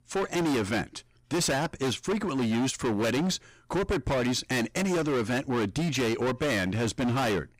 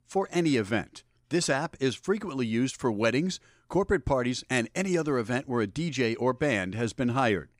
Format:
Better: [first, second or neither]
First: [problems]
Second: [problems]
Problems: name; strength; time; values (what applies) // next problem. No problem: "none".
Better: second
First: distortion; heavy; 29% of the sound clipped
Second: none